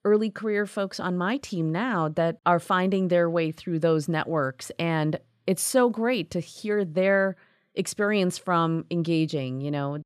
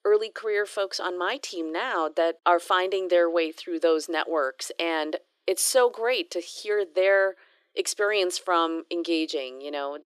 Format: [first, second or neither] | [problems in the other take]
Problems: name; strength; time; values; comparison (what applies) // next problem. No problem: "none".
first | thin; very; fading below 350 Hz